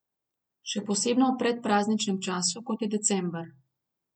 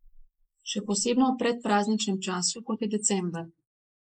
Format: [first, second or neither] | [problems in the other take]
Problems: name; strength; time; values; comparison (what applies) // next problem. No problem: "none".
first | noise reduction (neural mask model Resemble Enhance denoiser)